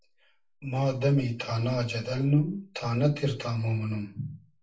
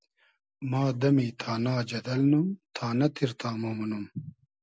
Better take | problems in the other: second | room echo; dies away in 0.3 s

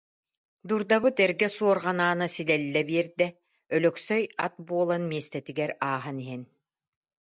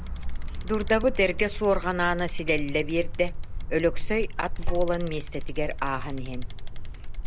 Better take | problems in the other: first | background sound (Bicycle); as loud as the speech

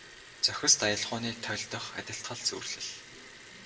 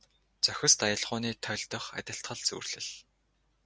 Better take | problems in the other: second | background sound (Liquid); 16 dB below the speech // room echo; dies away in 1.9 s

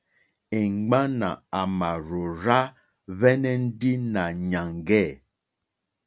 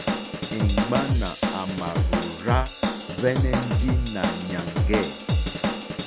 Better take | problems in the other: first | background sound (Drum / Drum kit); 5 dB above the speech

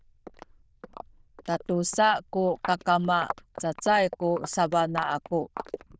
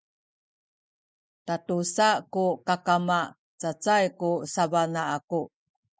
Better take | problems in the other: second | noise reduction (neural diffusion model UNIVERSE++)

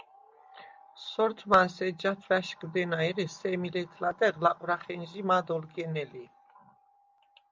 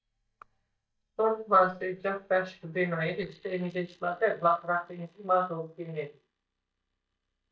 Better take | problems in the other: first | noise reduction (neural mask model DeepFilterNet 3)

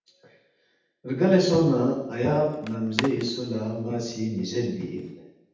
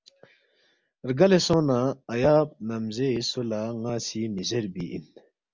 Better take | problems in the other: second | background sound (Skateboard); 14 dB below the speech // room echo; dies away in 0.8 s

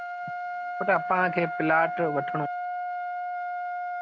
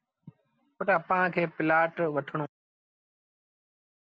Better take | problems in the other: second | background sound (Trumpet); 3 dB below the speech

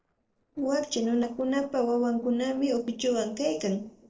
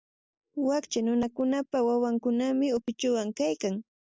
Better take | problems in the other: second | noise reduction (neural separator model SepFormer DNS4)

